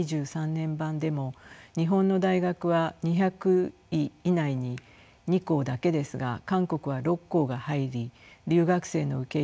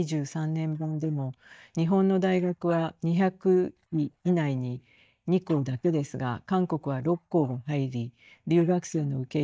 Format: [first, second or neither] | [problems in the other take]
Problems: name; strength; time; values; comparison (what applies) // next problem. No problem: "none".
first | noise reduction (neural mask model DeepFilterNet 3)